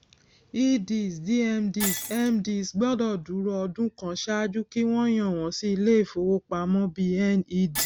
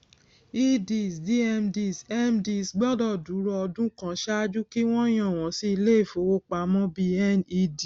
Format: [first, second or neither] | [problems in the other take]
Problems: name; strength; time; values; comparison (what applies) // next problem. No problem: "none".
second | background sound (Shatter); 15 dB below the speech